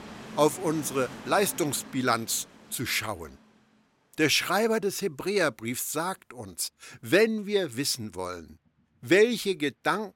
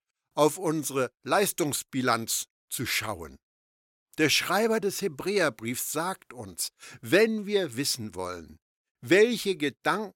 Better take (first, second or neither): second